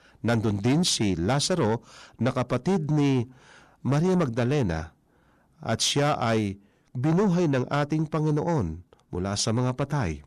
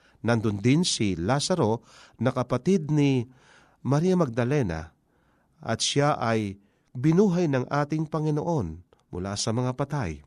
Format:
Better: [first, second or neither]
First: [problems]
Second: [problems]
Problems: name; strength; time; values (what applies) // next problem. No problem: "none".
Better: second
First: distortion; slight; 10 dB below the speech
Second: none